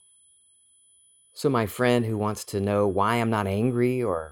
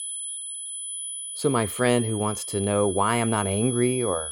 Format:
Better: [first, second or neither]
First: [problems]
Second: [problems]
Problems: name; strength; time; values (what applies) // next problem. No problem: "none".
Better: first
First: high-pitched whine; faint; throughout; 10 kHz, 30 dB below the speech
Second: high-pitched whine; loud; throughout; 10 kHz, 6 dB below the speech